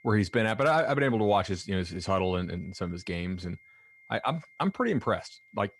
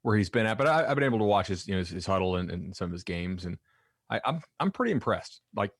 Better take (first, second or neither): second